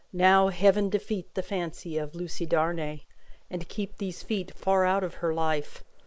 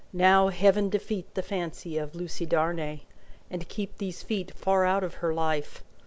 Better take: second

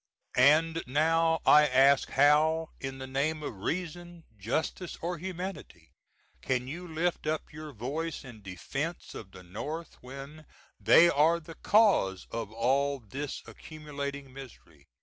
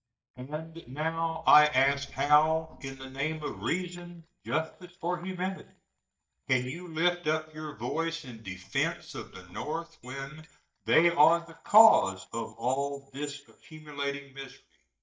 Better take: first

